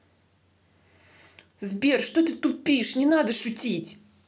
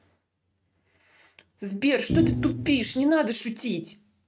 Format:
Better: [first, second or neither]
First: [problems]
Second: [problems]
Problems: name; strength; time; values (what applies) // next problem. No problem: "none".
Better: first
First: none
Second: noise reduction (neural mask model RNNoise)